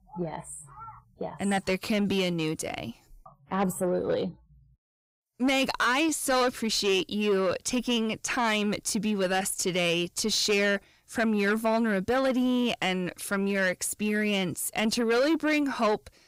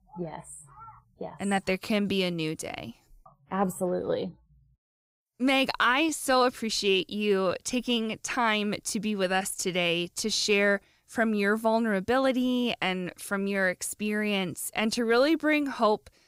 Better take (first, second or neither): second